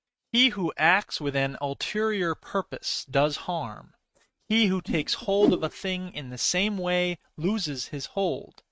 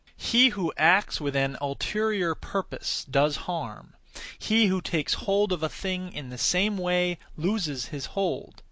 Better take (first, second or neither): second